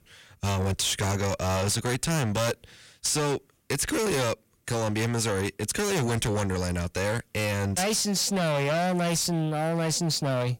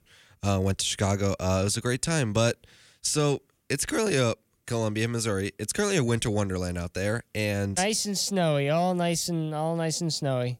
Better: second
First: distortion; heavy; 24% of the sound clipped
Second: none

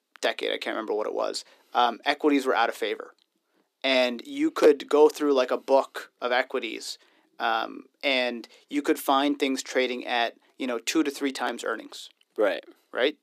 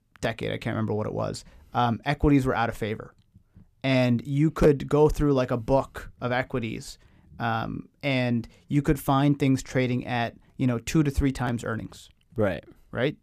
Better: second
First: thin; somewhat; fading below 300 Hz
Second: none

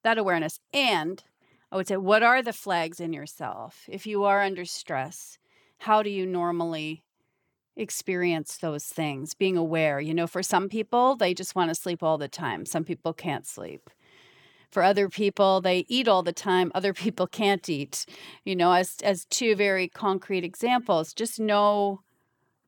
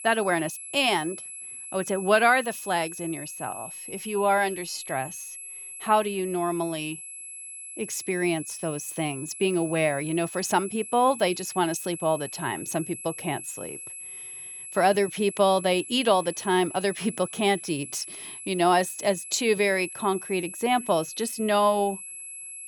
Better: first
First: none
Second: high-pitched whine; noticeable; throughout; 11 kHz, 10 dB below the speech

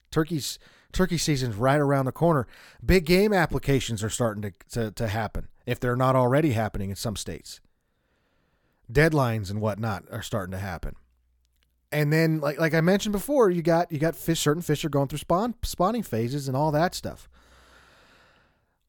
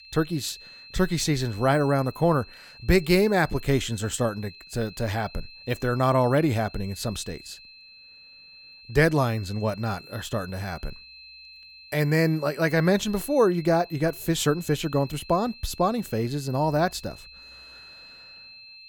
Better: first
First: none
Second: high-pitched whine; noticeable; throughout; 4 kHz, 20 dB below the speech

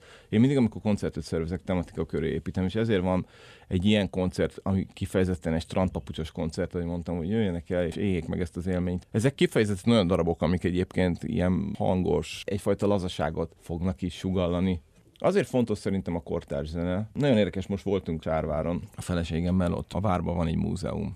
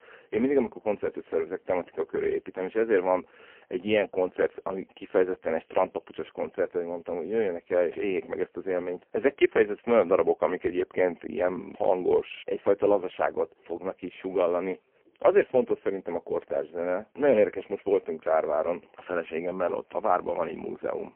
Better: first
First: none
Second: phone-call audio; poor line; nothing above 3 kHz

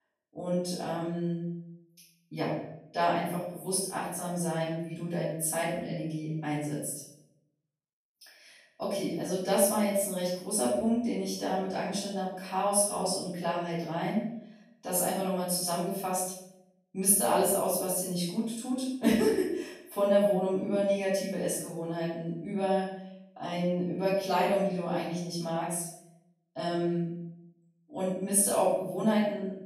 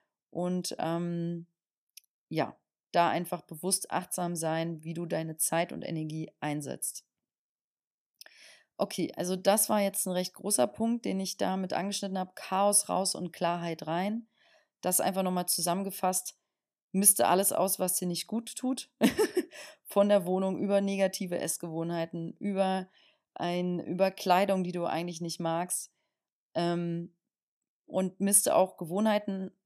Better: second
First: room echo; noticeable; dies away in 0.7 s // off-mic speech; far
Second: none

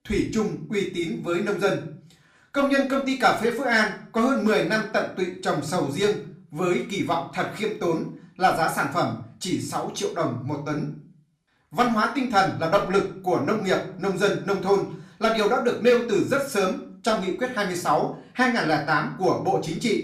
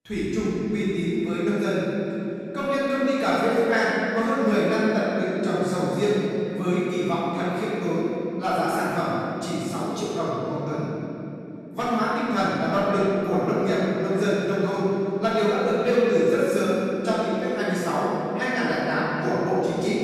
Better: first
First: room echo; slight; dies away in 0.4 s // off-mic speech; far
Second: room echo; strong; dies away in 3 s // off-mic speech; far

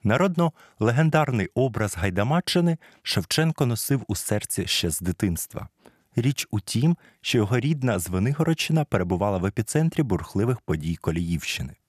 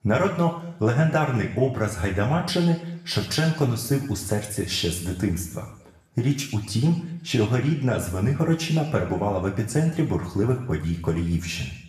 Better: first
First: none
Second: room echo; slight; dies away in 0.8 s // off-mic speech; somewhat distant

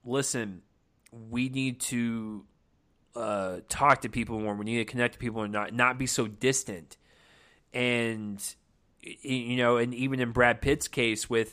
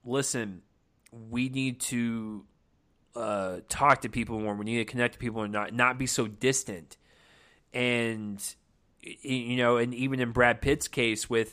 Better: neither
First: none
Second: none

